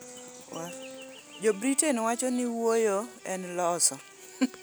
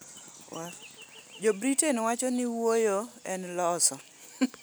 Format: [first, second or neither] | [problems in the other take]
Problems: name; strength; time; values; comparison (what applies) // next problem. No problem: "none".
second | background sound (Bowed string instrument); 20 dB below the speech